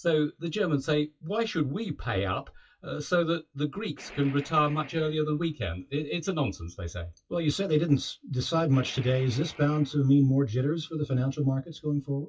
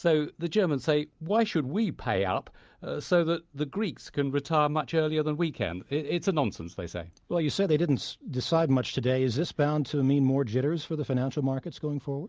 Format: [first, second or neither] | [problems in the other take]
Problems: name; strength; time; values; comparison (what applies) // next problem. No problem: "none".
second | noise reduction (classical method WPE with log-MMSE)